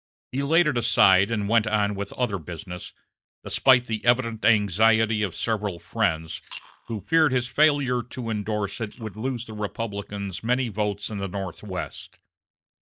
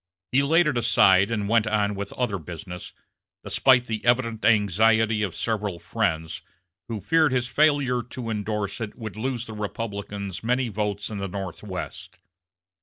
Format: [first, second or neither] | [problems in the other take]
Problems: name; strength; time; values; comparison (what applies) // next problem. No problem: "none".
second | noise reduction (neural mask model DeepFilterNet 3)